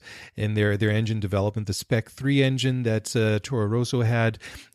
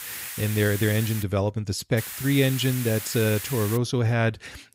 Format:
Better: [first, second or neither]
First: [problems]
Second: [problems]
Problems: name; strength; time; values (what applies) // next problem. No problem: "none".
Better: first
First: none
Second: hiss; loud; until 1 s and from 2 to 4 s; 8 dB below the speech